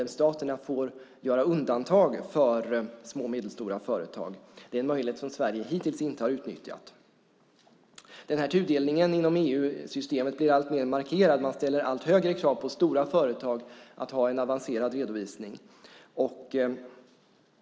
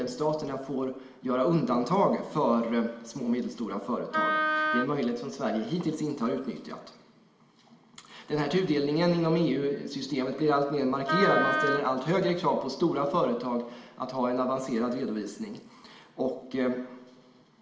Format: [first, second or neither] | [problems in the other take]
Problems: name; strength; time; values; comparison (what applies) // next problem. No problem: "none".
first | background sound (Wind instrument, woodwind instrument); as loud as the speech // room echo; dies away in 1.5 s